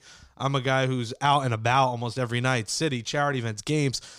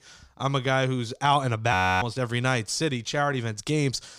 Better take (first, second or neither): first